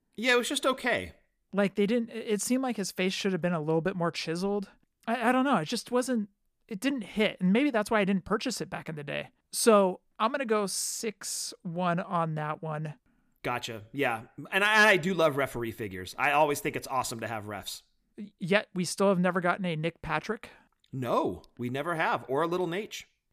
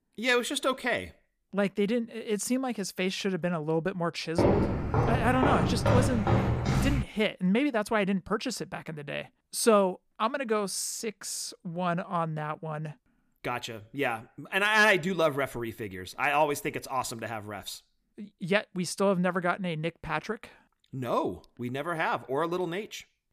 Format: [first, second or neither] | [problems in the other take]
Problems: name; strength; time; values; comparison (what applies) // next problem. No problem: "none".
first | footsteps; loud; from 4.5 to 7 s; peak 4 dB above the speech